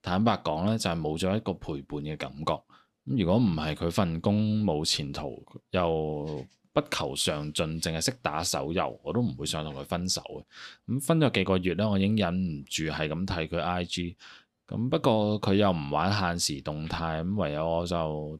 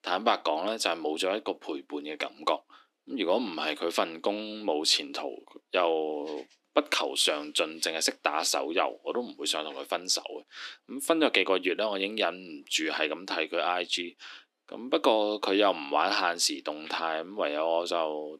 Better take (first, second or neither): first